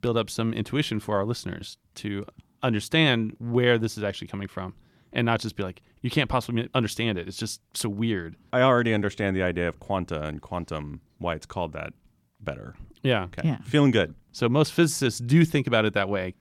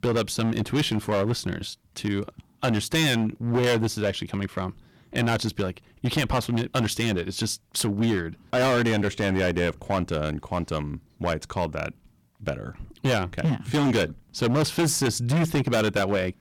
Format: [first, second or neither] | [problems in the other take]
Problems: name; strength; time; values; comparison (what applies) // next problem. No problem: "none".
first | distortion; heavy; 12% of the sound clipped